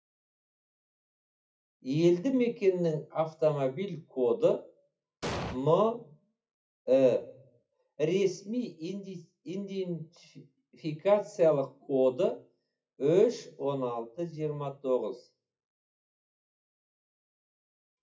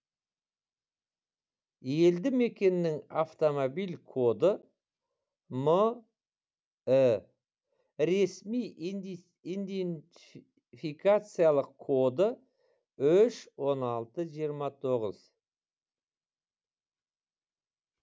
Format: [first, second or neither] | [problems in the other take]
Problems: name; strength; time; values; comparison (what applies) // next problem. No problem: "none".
second | noise reduction (classical method WPE with log-MMSE)